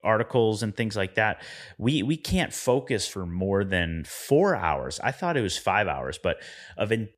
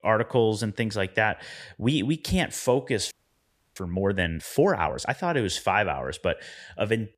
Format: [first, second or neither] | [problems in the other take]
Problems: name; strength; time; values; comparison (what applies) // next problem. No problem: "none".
first | audio freezing; at 3 s for 0.5 s